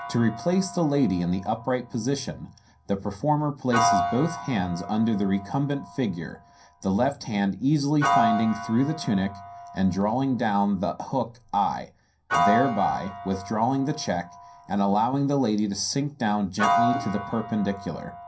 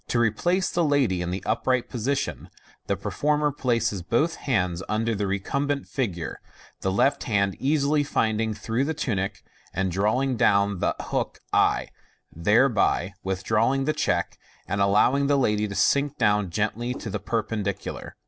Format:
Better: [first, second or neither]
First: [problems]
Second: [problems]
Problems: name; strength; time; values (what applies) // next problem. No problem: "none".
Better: second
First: background sound (Piano); 6 dB below the speech // room echo; dies away in 0.3 s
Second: none